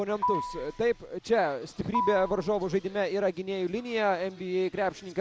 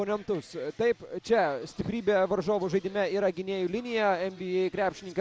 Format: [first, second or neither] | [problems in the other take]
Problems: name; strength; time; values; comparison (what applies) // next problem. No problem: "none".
second | background sound (Marimba, xylophone); 7 dB below the speech